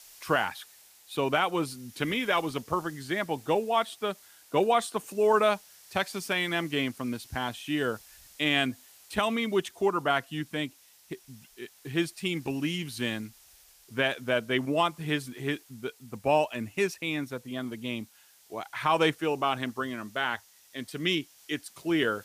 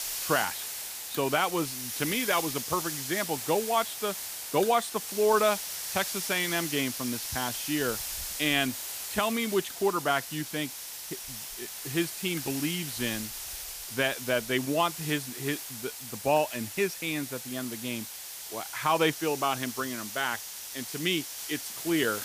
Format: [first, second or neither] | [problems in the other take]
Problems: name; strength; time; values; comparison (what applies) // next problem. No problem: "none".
first | hiss; loud; throughout; 5 dB below the speech; faint in the first